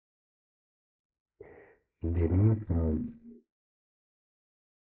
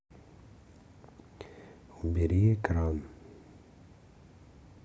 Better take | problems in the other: second | noise reduction (neural mask model Resemble Enhance denoiser)

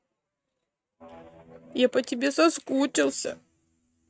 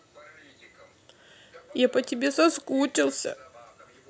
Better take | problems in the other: second | noise reduction (neural mask model RNNoise)

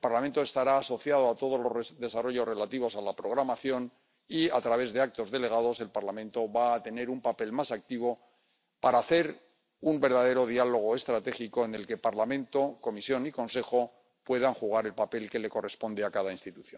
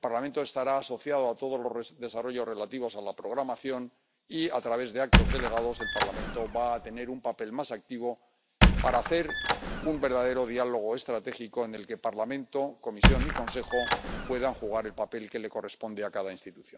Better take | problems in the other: first | background sound (Squeak); 4 dB above the speech

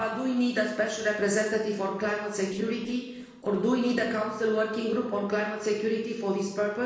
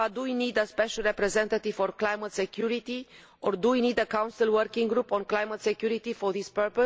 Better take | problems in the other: second | noise reduction (neural separator model SepFormer DNS4)

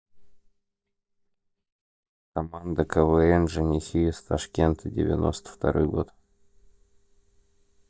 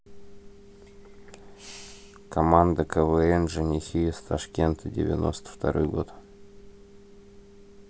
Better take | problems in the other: second | noise reduction (neural mask model DeepFilterNet 3)

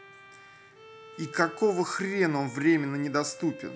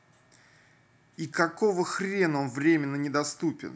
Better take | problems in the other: second | background sound (Bowed string instrument); 18 dB below the speech

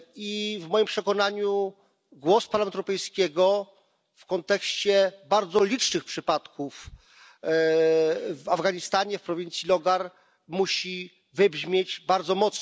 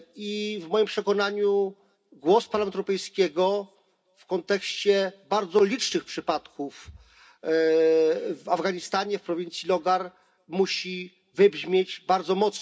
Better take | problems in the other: first | room echo; dies away in 0.3 s

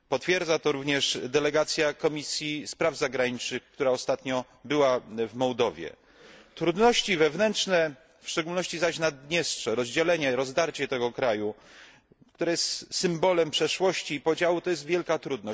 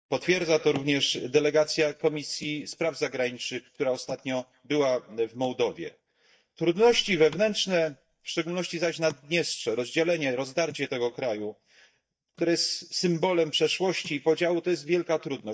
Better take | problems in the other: first | noise reduction (neural mask model DeepFilterNet 3)

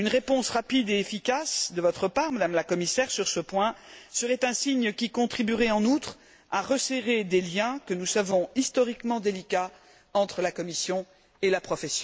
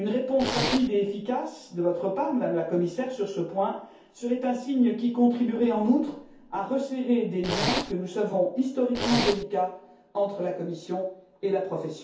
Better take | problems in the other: first | background sound (Zipper (clothing)); 1 dB below the speech // room echo; dies away in 0.6 s

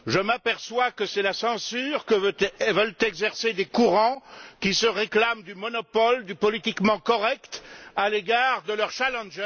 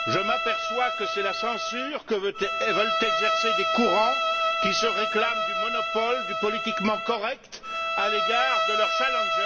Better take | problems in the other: first | background sound (Bowed string instrument); 2 dB above the speech // room echo; dies away in 1.9 s

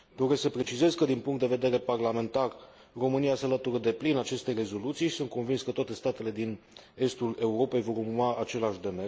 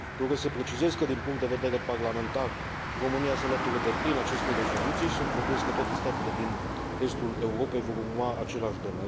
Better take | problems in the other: first | background sound (Motor vehicle (road)); 1 dB below the speech

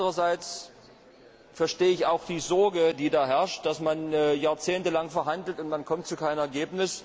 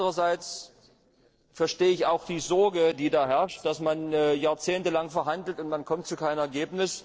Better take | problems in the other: first | noise reduction (neural separator model SepFormer DNS4)

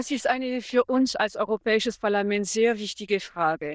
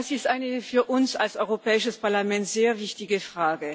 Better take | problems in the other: second | noise reduction (neural diffusion model UNIVERSE++)

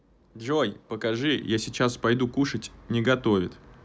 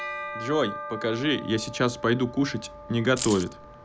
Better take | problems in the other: first | background sound (Bell + Keys jangling); 10 dB below the speech

